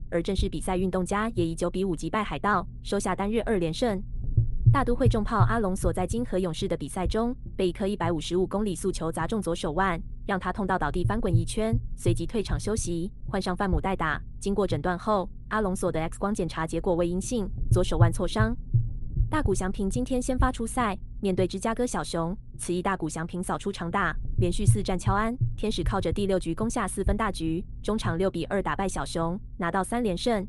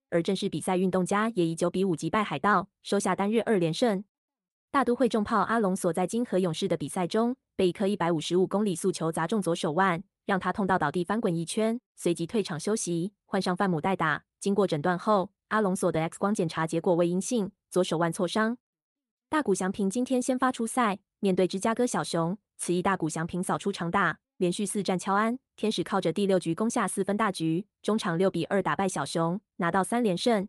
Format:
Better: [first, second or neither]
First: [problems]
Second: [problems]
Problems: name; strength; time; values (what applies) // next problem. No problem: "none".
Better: second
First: low rumble; noticeable; throughout; 15 dB below the speech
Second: none